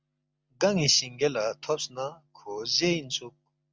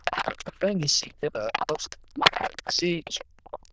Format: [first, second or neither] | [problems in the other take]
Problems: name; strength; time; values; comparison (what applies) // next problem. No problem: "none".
first | noise reduction (neural diffusion model UNIVERSE++)